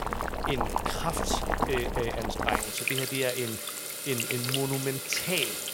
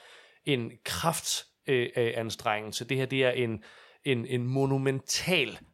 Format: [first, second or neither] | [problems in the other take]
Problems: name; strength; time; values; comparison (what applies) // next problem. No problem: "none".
second | household noises; very loud; throughout; 2 dB above the speech